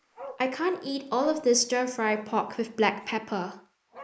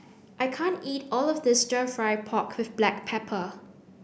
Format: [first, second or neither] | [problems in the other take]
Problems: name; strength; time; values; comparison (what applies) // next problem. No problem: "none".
second | noise reduction (neural mask model Resemble Enhance denoiser)